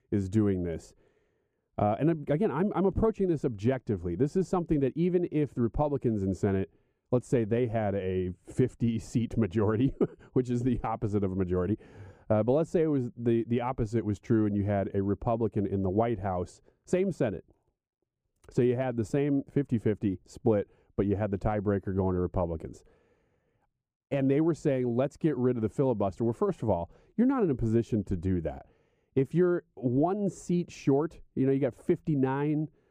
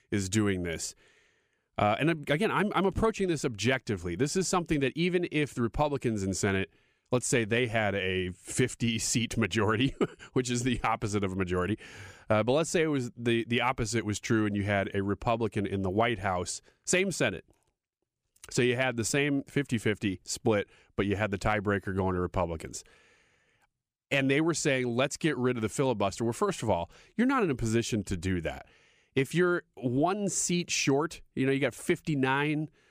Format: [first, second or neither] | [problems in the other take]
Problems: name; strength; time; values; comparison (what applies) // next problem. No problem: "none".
second | muffled; very; fading above 1.5 kHz